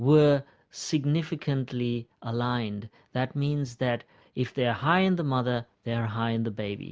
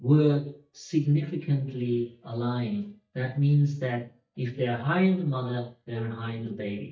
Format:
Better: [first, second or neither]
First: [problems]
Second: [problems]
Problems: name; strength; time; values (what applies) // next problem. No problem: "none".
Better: first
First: none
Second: noise reduction (neural mask model DeepFilterNet 3)